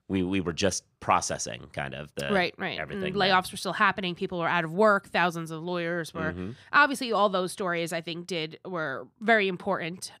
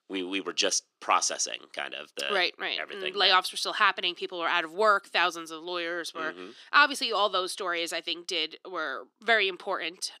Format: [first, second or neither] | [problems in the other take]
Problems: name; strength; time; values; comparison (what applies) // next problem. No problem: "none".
first | thin; somewhat; fading below 300 Hz